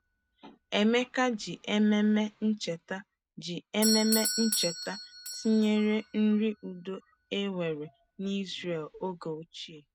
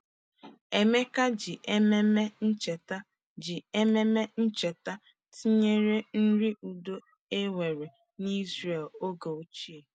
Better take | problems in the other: second | background sound (Doorbell); 10 dB below the speech

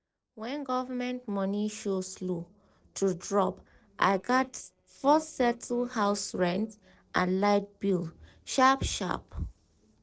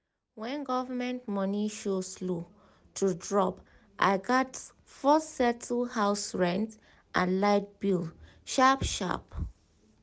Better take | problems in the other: second | noise reduction (neural separator model SepFormer DNS4)

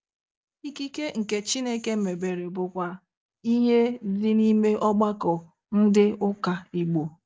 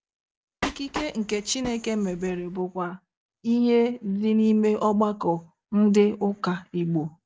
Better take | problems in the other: first | background sound (Train); 12 dB below the speech

